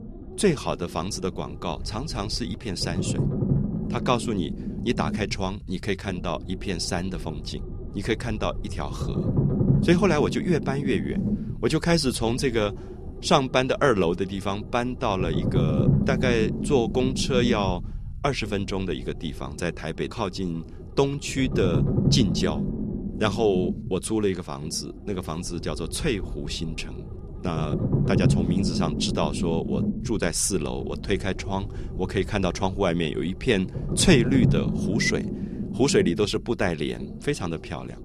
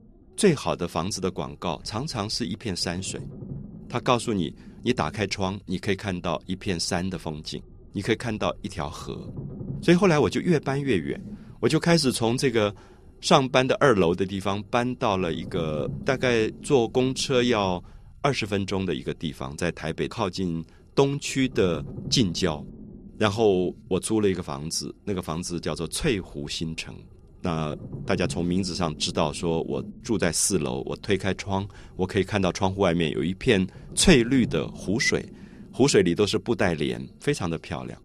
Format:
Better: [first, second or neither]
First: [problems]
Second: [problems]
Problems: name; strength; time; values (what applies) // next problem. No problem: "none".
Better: second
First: low rumble; loud; throughout; 9 dB below the speech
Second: low rumble; faint; throughout; 25 dB below the speech